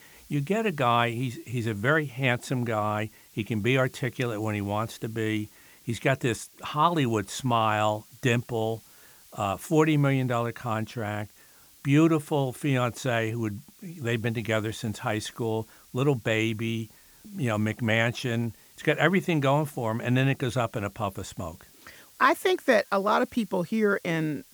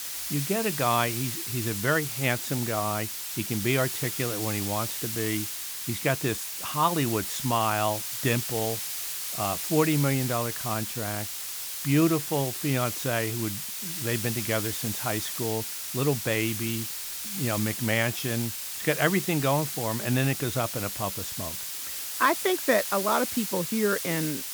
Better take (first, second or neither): first